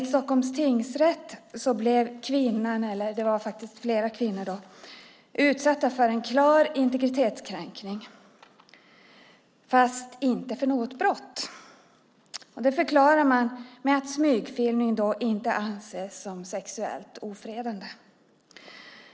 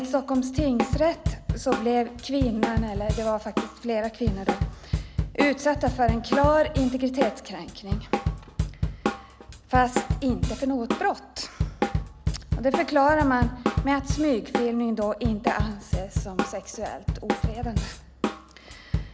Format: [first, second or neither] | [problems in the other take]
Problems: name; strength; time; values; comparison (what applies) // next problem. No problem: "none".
first | background sound (Drum kit); 2 dB below the speech